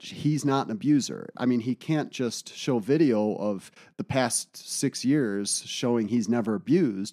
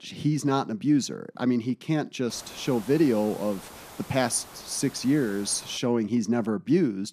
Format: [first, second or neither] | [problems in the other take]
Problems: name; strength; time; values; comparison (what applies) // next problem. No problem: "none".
first | hiss; noticeable; from 2.5 to 6 s; 20 dB below the speech